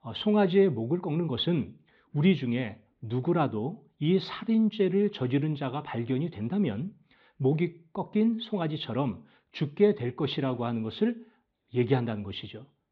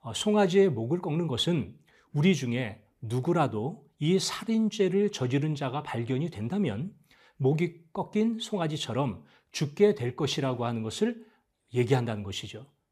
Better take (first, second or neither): second